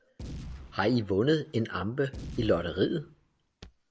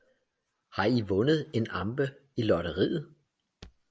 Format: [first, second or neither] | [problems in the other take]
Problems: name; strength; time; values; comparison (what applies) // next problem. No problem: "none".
second | background sound (Boom); 15 dB below the speech